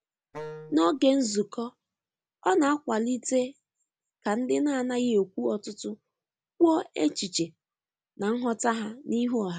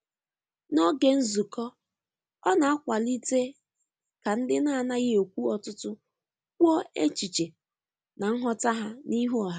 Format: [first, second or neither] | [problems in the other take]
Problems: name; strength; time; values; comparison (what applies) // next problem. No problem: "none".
second | background sound (Wind instrument, woodwind instrument); 14 dB below the speech